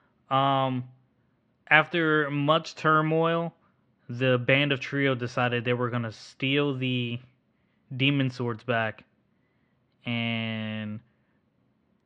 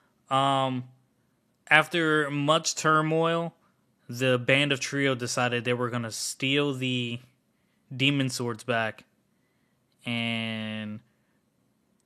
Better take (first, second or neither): second